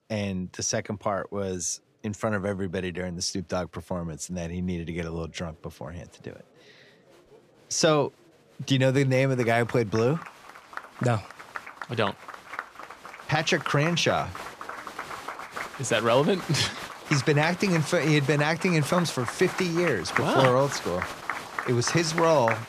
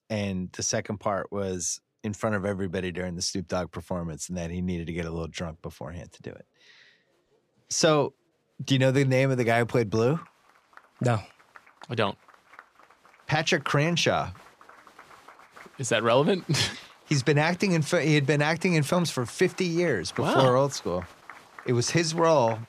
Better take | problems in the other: second | crowd noise; loud; throughout; 10 dB below the speech; faint in the second

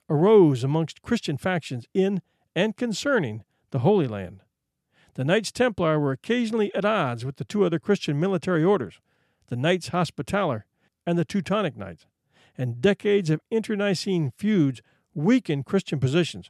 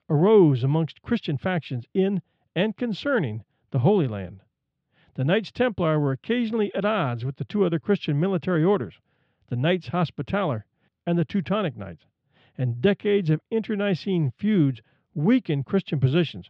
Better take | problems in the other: first | muffled; slightly; fading above 3.5 kHz

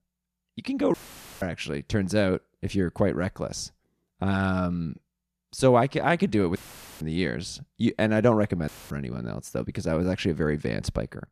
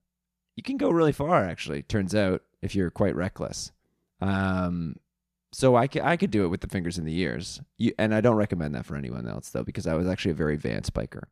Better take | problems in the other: second | audio cutting out; filled with static; at 1 s, at 6.5 s and at 8.5 s

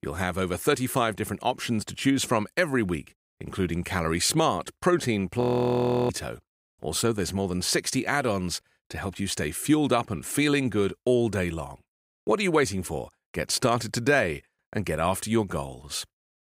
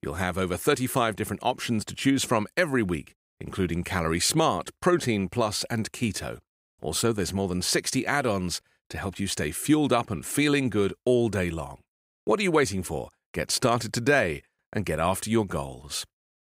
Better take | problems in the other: second | audio freezing; at 5.5 s for 0.5 s

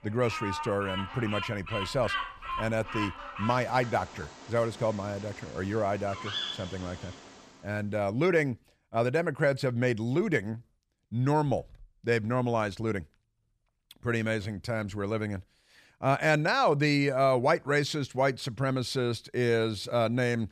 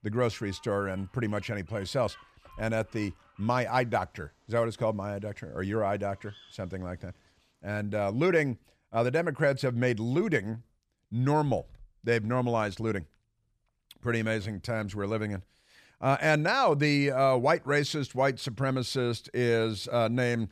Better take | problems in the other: second | animal sounds; loud; until 7.5 s; 9 dB below the speech; faint in the second

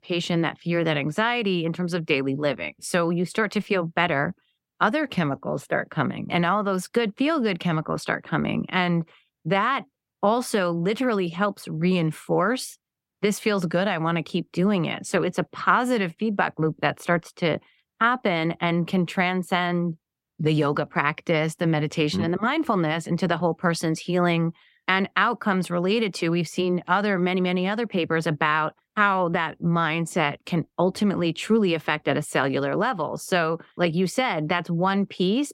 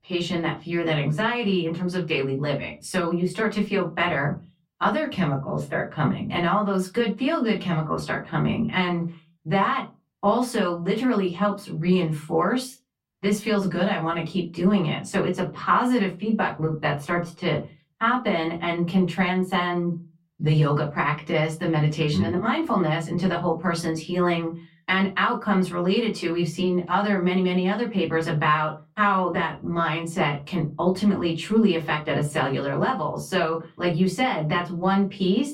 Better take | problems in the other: first | off-mic speech; far // room echo; very slight; dies away in 0.2 s

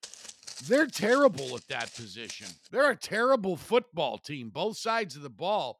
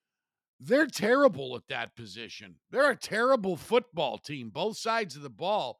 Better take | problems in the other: second | footsteps; faint; until 2.5 s; peak 15 dB below the speech

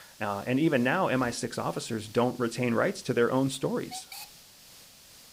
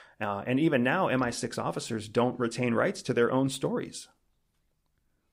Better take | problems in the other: second | hiss; noticeable; throughout; 20 dB below the speech

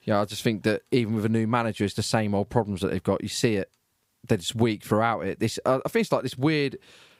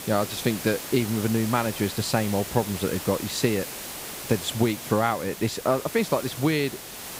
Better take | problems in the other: first | hiss; loud; throughout; 9 dB below the speech

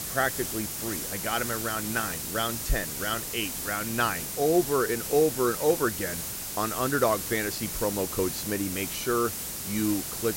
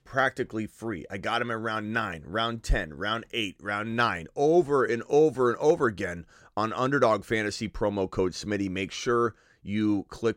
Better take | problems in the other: second | hiss; loud; throughout; 3 dB below the speech

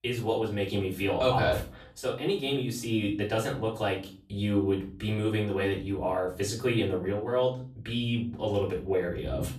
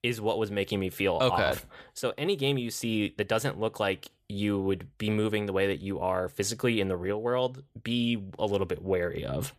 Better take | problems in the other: second | room echo; slight; dies away in 0.4 s // off-mic speech; far

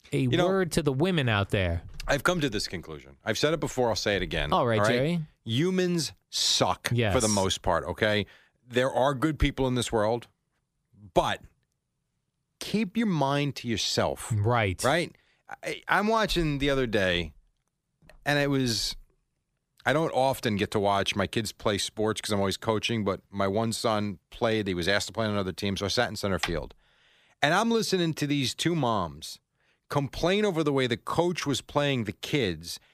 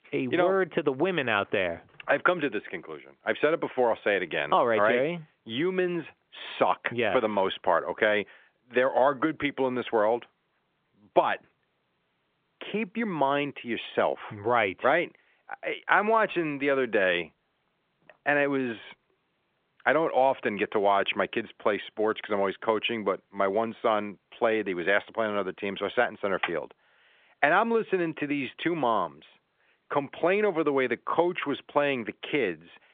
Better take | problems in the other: first | phone-call audio; nothing above 3.5 kHz

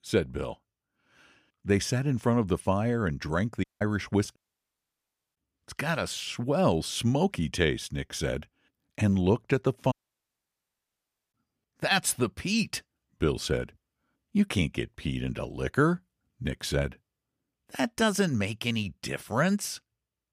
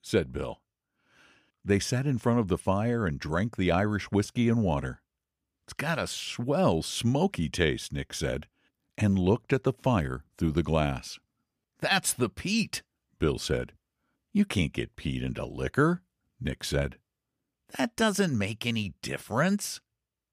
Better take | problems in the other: second | audio cutting out; at 3.5 s, at 4.5 s for 1 s and at 10 s for 1.5 s

